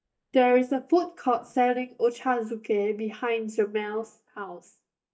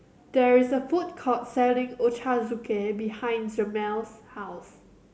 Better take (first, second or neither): second